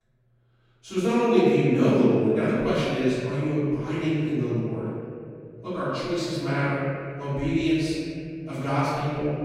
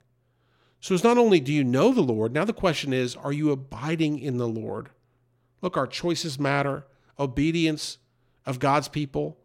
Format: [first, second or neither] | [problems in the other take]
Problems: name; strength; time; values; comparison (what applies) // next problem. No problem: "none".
second | room echo; strong; dies away in 2.4 s // off-mic speech; far